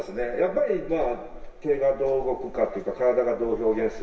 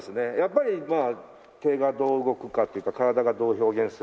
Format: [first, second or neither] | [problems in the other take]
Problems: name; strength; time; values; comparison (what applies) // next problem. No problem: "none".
second | background sound (Motor vehicle (road)); 14 dB below the speech // room echo; dies away in 0.9 s